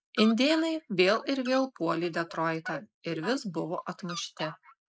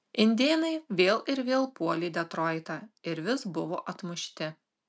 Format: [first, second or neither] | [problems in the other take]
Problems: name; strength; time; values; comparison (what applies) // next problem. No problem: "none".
second | noise reduction (neural mask model Resemble Enhance denoiser)